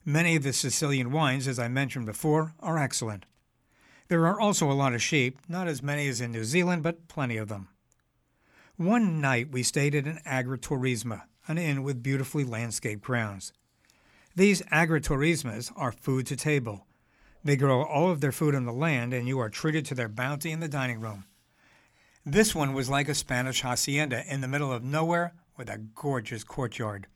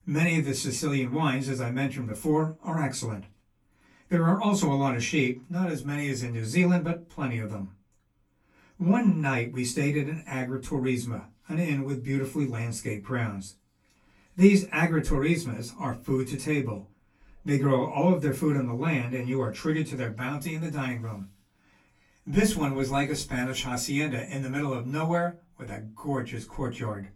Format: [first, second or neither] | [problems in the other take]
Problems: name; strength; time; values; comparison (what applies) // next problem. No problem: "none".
first | off-mic speech; far // room echo; very slight; dies away in 0.2 s